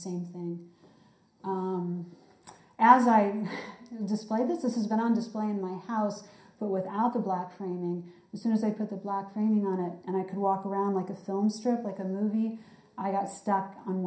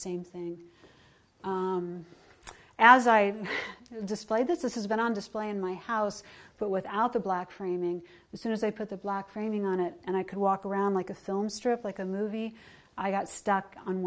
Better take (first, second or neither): second